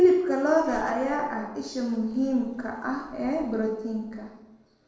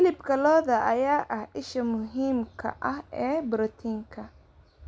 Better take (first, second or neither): second